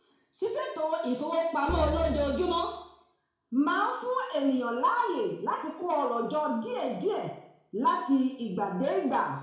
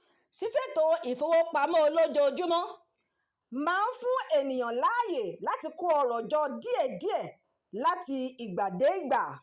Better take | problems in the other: second | background sound (Drum); 7 dB below the speech // room echo; dies away in 0.6 s

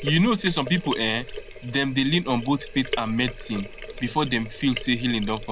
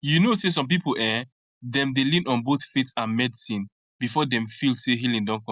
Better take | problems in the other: second | background sound (Sink (filling or washing)); 11 dB below the speech

